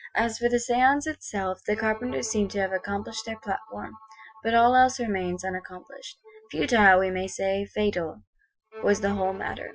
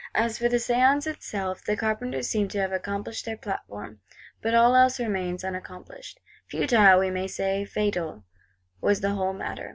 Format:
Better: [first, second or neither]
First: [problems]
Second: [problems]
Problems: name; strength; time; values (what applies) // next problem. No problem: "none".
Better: second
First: noise reduction (classical method Wiener filter)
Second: none